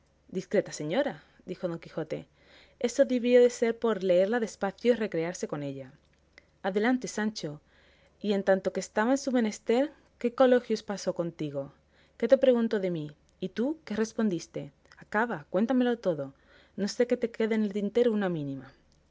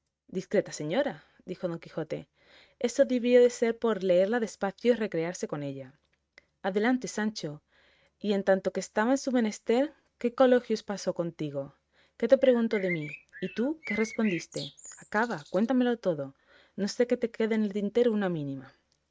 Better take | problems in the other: first | noise reduction (neural mask model RNNoise)

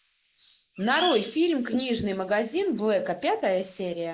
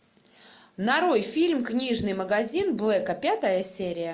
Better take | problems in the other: second | noise reduction (neural mask model Resemble Enhance denoiser)

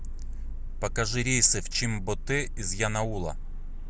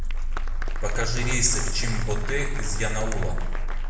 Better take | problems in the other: first | background sound (Applause); 16 dB below the speech // room echo; dies away in 1 s

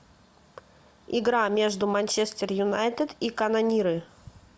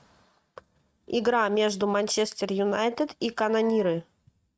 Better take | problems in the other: first | noise reduction (neural mask model RNNoise)

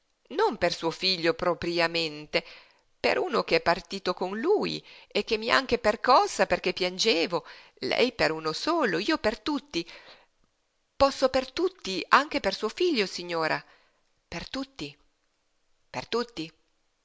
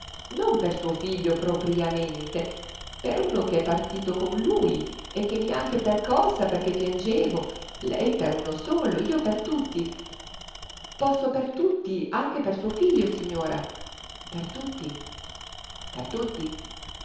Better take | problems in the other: first | background sound (Tools); 14 dB below the speech // room echo; dies away in 1 s

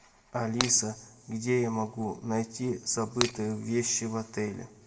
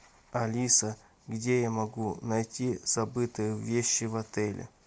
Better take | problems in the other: second | background sound (Shatter); 4 dB below the speech // room echo; dies away in 1.1 s

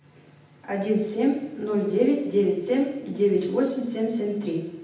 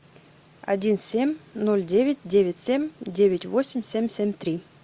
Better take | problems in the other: second | room echo; dies away in 0.8 s

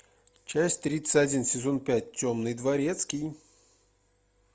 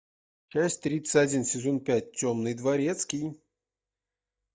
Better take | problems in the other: first | noise reduction (neural mask model DeepFilterNet 3)

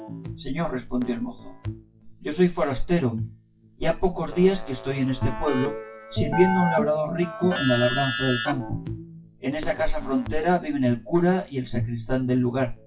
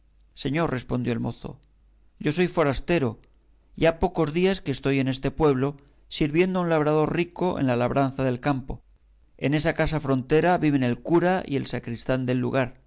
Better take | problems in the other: second | noise reduction (classical method WPE with log-MMSE)

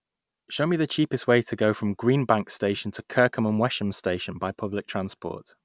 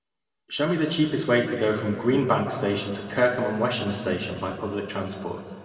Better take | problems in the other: first | room echo; dies away in 2.2 s

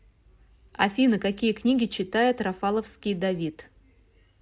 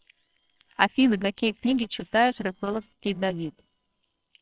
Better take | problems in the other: first | noise reduction (neural separator model SepFormer WHAMR!)

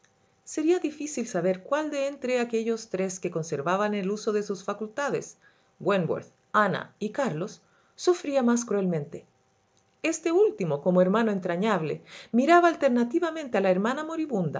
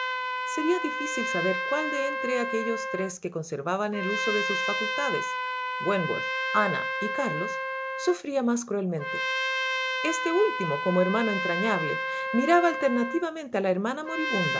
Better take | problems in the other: first | background sound (Trumpet); 2 dB below the speech

